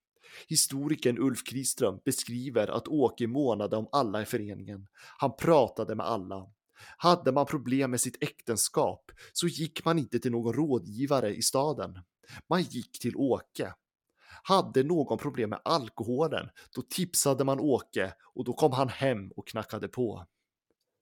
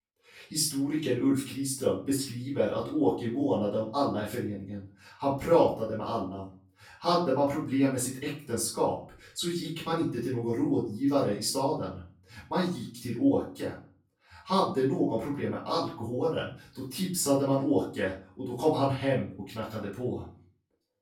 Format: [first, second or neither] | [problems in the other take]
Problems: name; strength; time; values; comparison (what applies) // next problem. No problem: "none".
first | off-mic speech; far // room echo; slight; dies away in 0.3 s